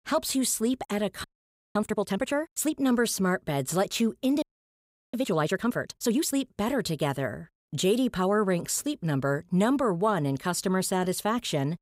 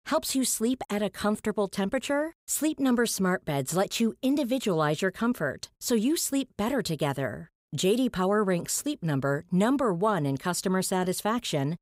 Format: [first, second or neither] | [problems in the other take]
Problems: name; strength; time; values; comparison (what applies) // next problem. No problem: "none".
second | audio freezing; at 1 s for 0.5 s and at 4.5 s for 0.5 s